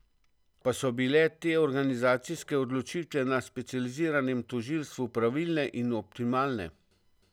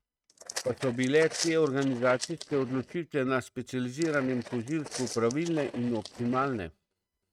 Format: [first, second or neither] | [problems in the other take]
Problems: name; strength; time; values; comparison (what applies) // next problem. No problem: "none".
first | noise reduction (neural mask model RNNoise)